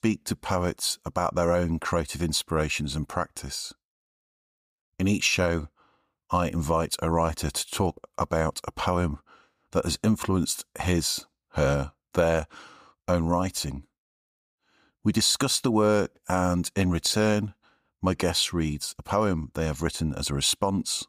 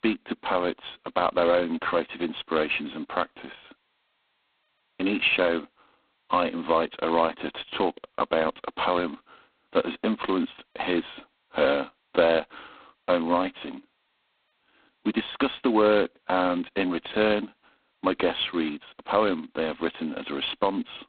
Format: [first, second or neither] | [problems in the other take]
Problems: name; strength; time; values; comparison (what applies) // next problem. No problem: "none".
first | phone-call audio; poor line; nothing above 3.5 kHz